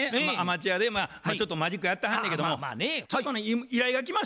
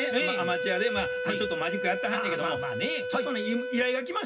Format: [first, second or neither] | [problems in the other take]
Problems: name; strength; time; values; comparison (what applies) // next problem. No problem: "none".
first | background sound (Wind instrument, woodwind instrument); 2 dB below the speech // room echo; dies away in 0.4 s